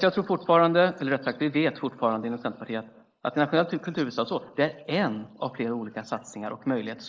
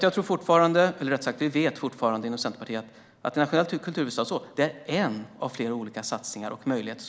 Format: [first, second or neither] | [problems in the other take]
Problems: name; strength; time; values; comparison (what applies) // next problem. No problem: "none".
second | noise reduction (neural mask model Resemble Enhance denoiser)